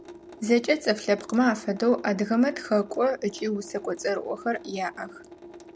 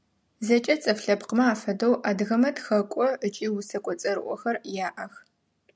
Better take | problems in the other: second | background sound (Drip / Sink (filling or washing) / Water tap, faucet); 19 dB below the speech

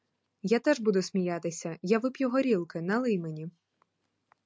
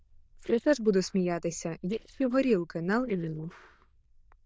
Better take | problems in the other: first | noise reduction (neural diffusion model UNIVERSE++)

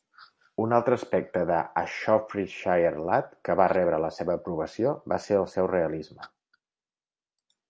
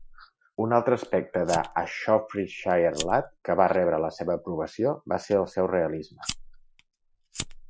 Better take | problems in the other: first | noise reduction (classical method Wiener filter)

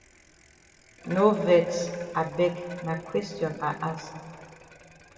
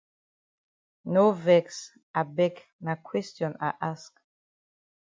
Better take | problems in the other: second | background sound (Bicycle); 20 dB below the speech // room echo; dies away in 1.7 s

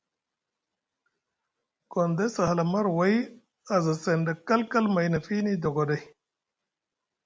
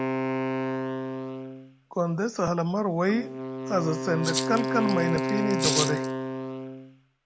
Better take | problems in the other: first | background sound (Wind instrument, woodwind instrument + Rattle (instrument)); 1 dB below the speech

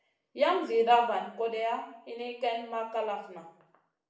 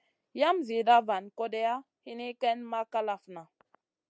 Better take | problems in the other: second | room echo; dies away in 0.6 s

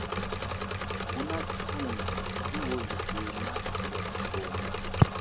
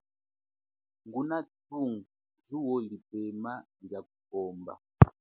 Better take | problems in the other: second | background sound (Engine / Mechanisms); 2 dB above the speech

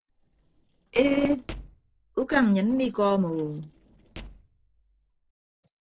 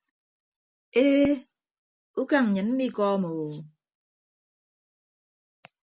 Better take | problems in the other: second | noise reduction (neural separator model SepFormer DNS4)

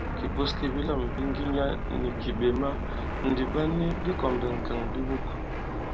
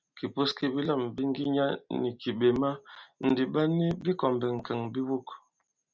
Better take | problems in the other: second | background sound (Fixed-wing aircraft, airplane); 1 dB below the speech

